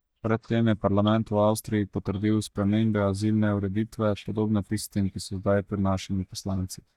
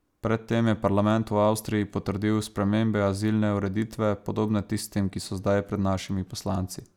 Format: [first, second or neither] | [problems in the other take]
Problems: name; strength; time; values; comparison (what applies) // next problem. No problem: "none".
second | noise reduction (neural mask model DeepFilterNet 3)